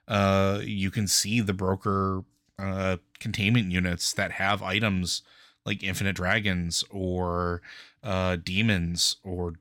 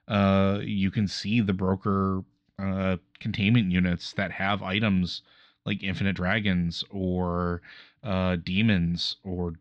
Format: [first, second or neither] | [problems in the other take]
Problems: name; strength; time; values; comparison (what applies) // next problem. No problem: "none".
first | muffled; very slightly; fading above 4 kHz